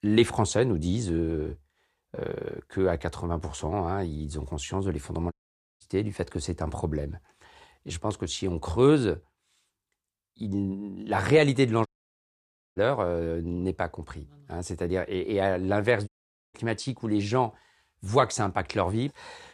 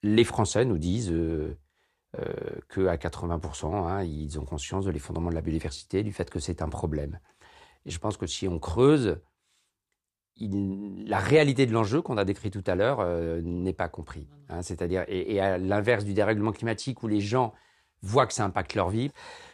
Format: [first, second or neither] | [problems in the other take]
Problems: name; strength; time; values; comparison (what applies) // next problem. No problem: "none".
second | audio cutting out; at 5.5 s, at 12 s for 1 s and at 16 s